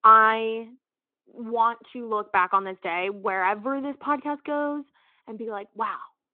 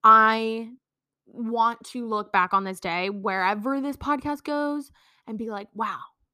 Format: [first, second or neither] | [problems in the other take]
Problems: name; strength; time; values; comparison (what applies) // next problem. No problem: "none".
second | phone-call audio